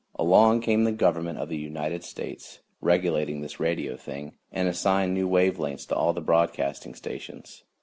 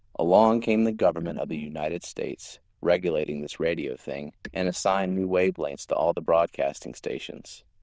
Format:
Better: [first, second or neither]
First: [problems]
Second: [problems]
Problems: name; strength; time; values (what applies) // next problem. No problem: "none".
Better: first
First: none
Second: noise reduction (neural diffusion model UNIVERSE++)